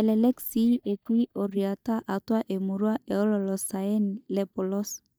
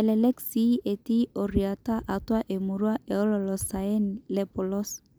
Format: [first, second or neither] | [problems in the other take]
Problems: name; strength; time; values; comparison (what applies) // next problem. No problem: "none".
second | noise reduction (neural mask model DeepFilterNet 3)